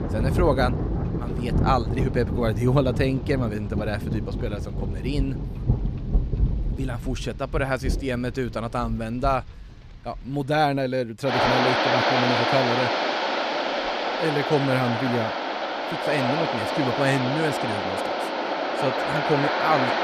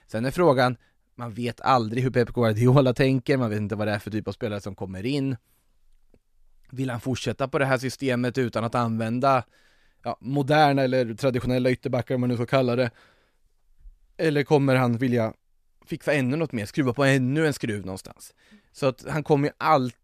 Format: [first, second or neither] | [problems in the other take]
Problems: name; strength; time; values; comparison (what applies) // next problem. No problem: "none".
second | rain or running water; very loud; throughout; as loud as the speech